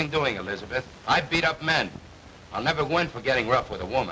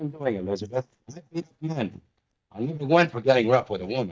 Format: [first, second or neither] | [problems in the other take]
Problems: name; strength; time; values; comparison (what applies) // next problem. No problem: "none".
first | noise reduction (neural mask model DeepFilterNet 3)